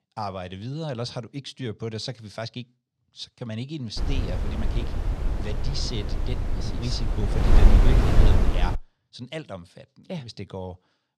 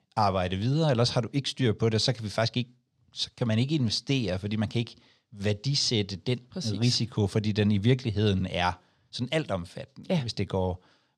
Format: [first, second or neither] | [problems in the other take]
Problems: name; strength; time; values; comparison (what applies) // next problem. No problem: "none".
second | wind noise on the microphone; heavy; from 4 to 9 s; 1 dB above the speech